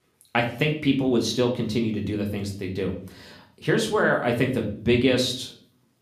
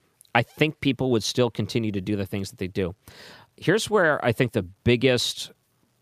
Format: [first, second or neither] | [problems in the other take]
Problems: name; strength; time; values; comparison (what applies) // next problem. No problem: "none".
second | room echo; slight; dies away in 0.4 s // off-mic speech; somewhat distant